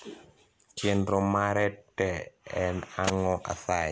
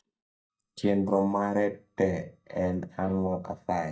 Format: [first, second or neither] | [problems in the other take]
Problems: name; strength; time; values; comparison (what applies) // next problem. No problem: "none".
first | noise reduction (neural mask model DeepFilterNet 3)